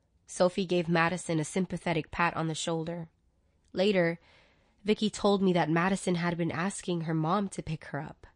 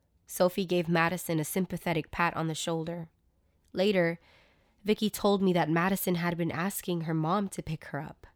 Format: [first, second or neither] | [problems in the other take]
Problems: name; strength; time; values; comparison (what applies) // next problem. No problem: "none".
second | garbled, watery; slightly; nothing above 9 kHz